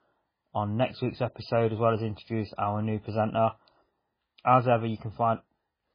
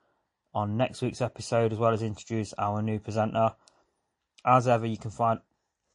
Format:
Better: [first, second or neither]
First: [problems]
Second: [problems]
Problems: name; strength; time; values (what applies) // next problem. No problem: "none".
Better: second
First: garbled, watery; badly; nothing above 5 kHz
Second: garbled, watery; slightly; nothing above 10 kHz